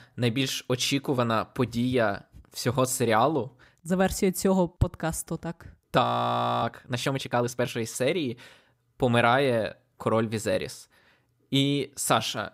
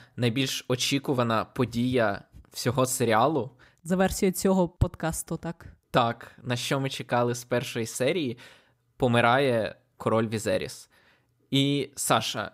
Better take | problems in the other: second | audio freezing; at 6 s for 0.5 s

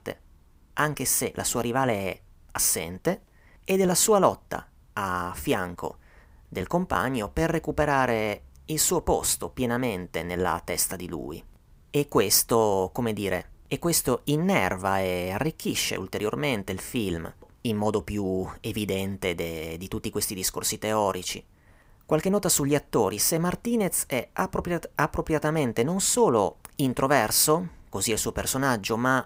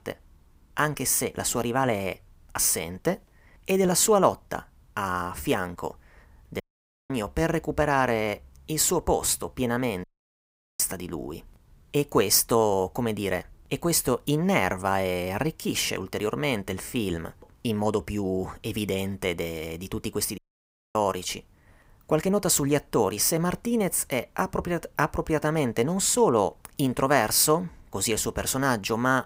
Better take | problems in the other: first | audio cutting out; at 6.5 s for 0.5 s, at 10 s for 1 s and at 20 s for 0.5 s

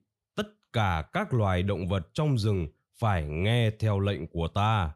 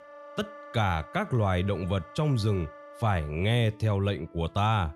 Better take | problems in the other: first | background music; noticeable; throughout; 20 dB below the speech

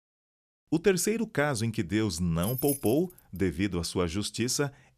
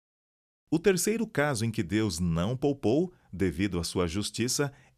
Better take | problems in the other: second | jangling keys; noticeable; at 2.5 s; peak 4 dB below the speech

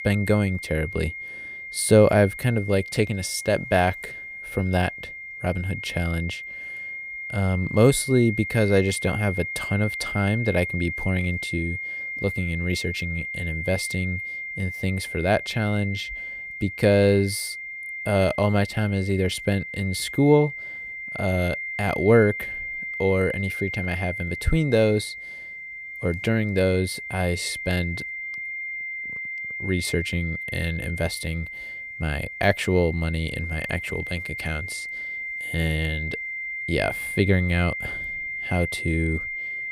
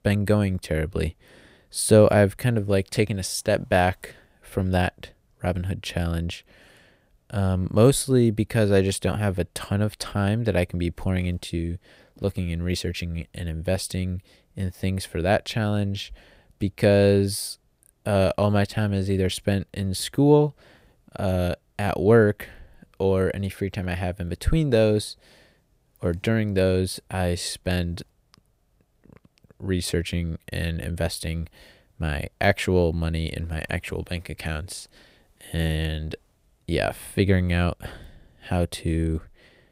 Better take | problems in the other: second | high-pitched whine; loud; throughout; 2 kHz, 7 dB below the speech

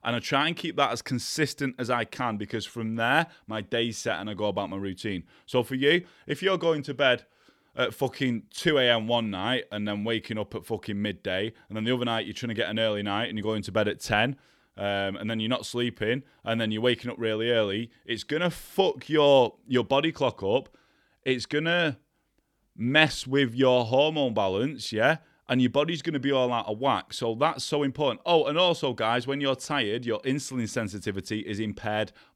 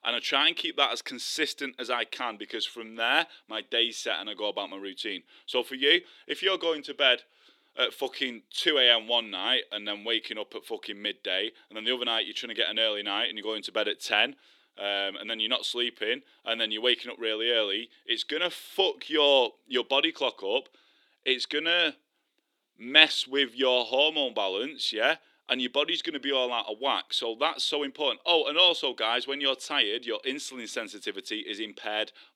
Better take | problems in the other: first | thin; somewhat; fading below 300 Hz

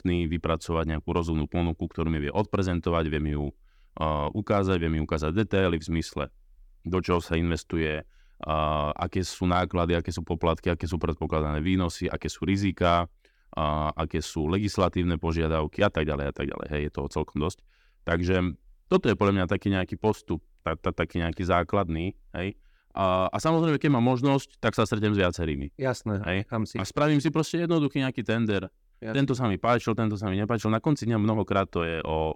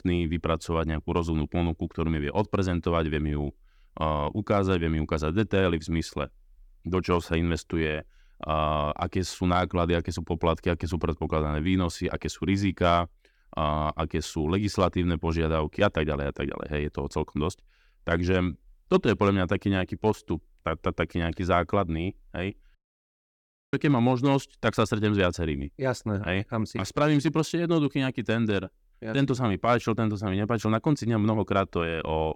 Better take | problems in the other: first | audio cutting out; at 23 s for 1 s

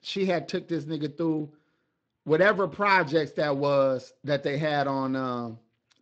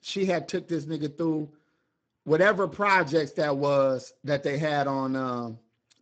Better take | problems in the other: first | garbled, watery; badly; nothing above 7.5 kHz; slightly in the first

